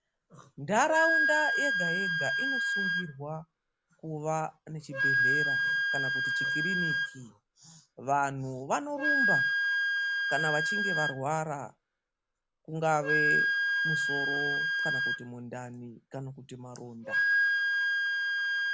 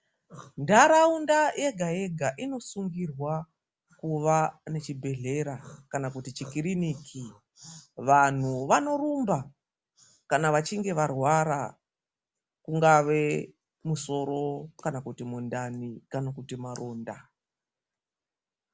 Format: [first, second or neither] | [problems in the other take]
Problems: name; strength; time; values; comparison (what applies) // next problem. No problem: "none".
second | background sound (Wind instrument, woodwind instrument); 5 dB above the speech